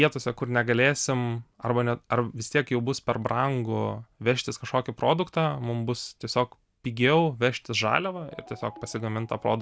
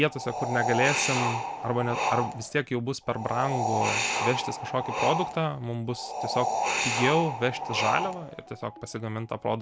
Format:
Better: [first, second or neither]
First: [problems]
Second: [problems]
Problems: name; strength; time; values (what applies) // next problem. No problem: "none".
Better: first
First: none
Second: background sound (Wind); 1 dB below the speech